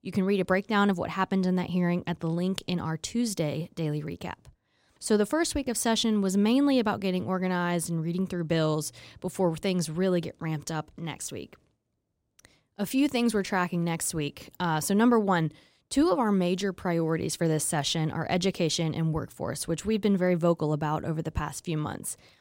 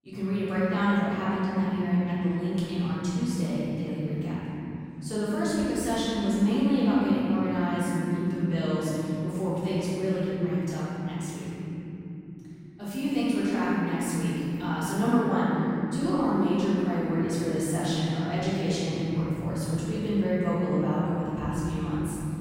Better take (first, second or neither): first